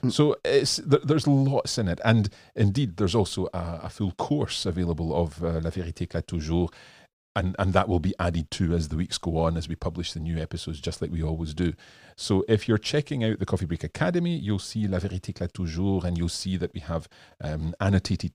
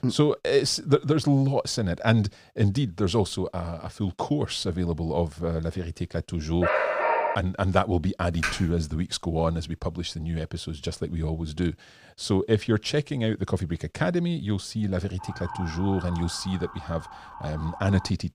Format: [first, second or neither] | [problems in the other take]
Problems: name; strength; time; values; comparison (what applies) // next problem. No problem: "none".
first | dog barking; loud; at 6.5 s; peak 3 dB above the speech // keyboard typing; noticeable; at 8.5 s; peak 3 dB below the speech // siren; faint; from 15 s on; peak 10 dB below the speech